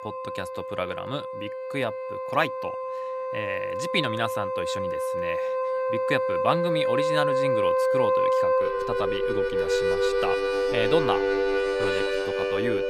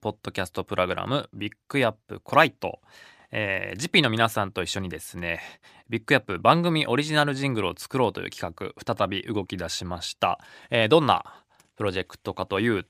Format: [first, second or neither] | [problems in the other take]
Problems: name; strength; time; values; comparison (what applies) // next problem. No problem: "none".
second | background music; very loud; throughout; 5 dB above the speech